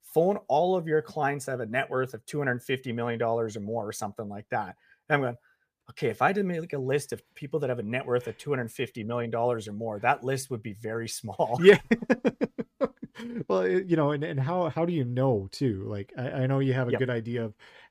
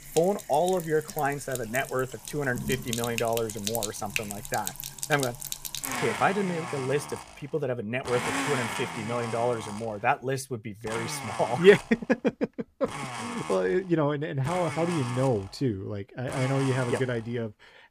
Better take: first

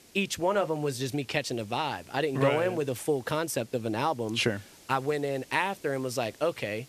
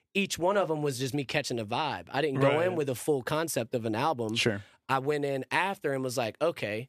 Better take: second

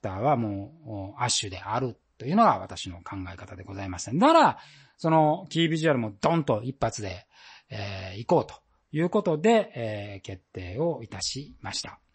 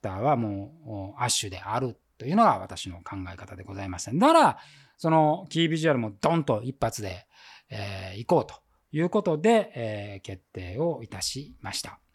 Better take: second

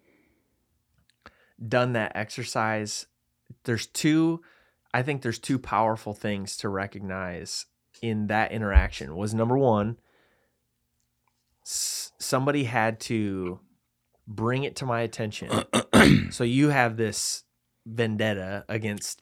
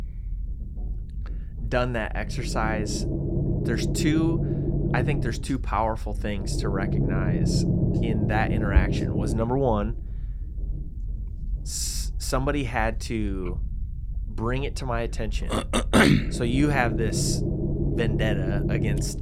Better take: first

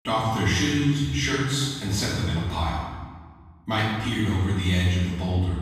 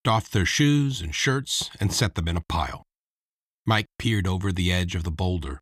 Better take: second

